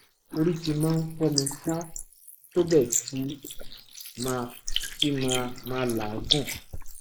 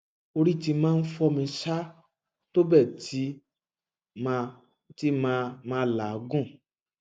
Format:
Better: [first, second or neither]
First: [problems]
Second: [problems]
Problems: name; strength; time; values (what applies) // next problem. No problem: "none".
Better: second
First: noise reduction (neural mask model Resemble Enhance denoiser)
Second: none